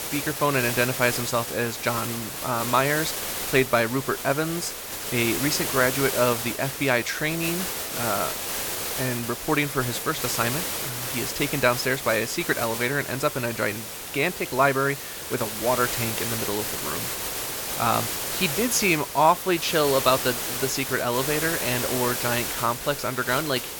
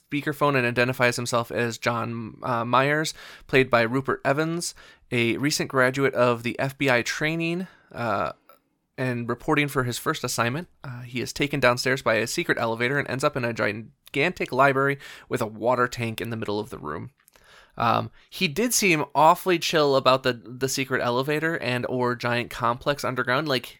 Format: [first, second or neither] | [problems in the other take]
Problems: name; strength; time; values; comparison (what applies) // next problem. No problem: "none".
second | hiss; loud; throughout; 3 dB below the speech